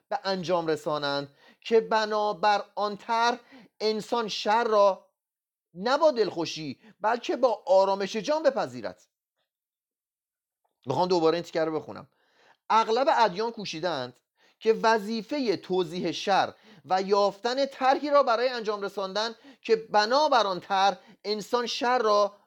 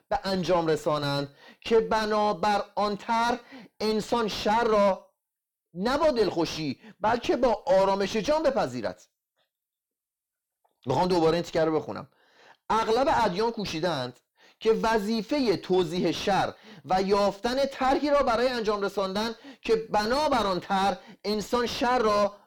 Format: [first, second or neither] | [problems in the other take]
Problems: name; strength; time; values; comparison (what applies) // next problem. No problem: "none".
first | distortion; heavy; 6 dB below the speech